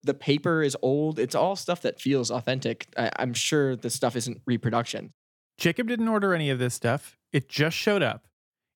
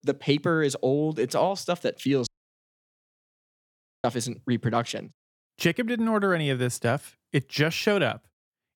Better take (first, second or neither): first